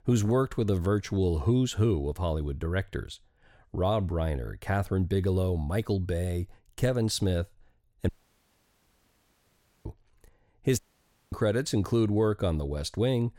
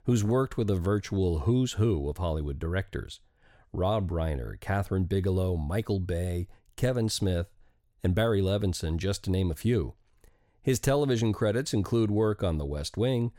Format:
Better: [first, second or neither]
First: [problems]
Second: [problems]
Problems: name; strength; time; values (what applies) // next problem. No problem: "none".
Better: second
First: audio cutting out; at 8 s for 2 s and at 11 s for 0.5 s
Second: none